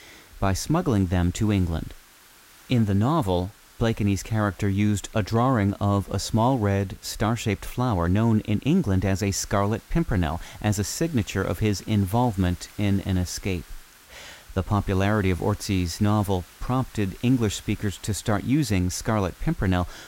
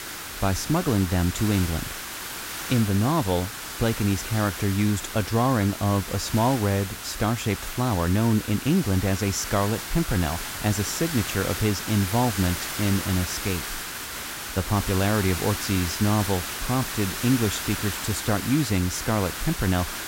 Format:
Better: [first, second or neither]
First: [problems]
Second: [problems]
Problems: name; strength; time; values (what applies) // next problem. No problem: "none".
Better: first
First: hiss; faint; throughout; 25 dB below the speech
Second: hiss; loud; throughout; 6 dB below the speech